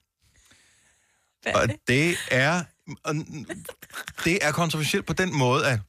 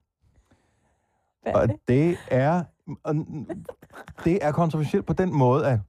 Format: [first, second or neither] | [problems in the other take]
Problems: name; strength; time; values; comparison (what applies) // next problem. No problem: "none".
first | muffled; very; fading above 1.5 kHz